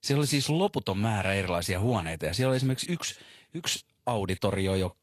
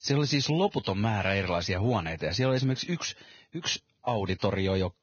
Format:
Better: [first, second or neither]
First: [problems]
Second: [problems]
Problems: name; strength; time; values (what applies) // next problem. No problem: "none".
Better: first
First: garbled, watery; slightly; nothing above 12.5 kHz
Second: garbled, watery; badly; nothing above 6.5 kHz